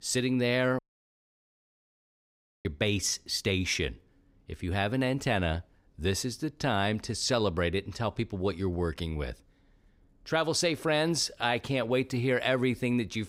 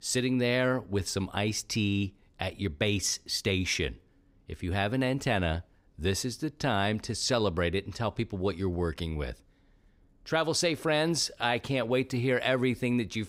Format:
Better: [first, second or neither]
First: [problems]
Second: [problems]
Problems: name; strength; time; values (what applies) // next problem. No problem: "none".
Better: second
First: audio cutting out; at 1 s for 2 s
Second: none